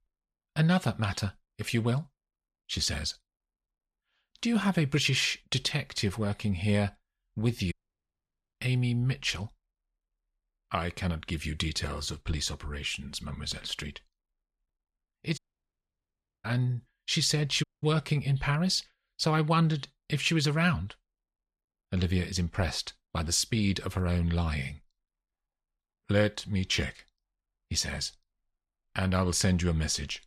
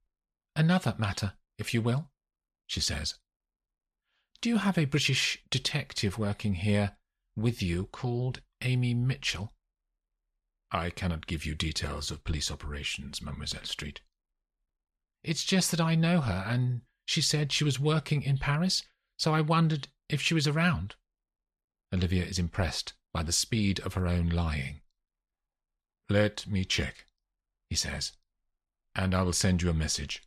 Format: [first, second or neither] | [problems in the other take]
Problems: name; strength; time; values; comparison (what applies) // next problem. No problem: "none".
second | audio cutting out; at 7.5 s for 1 s, at 15 s for 1 s and at 18 s